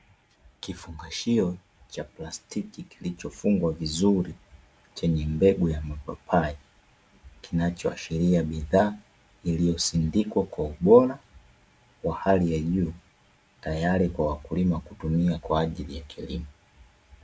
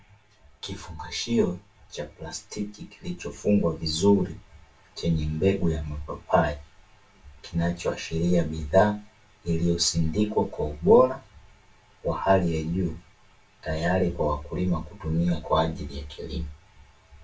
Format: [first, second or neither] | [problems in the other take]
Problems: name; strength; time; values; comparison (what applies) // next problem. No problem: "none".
first | room echo; dies away in 0.2 s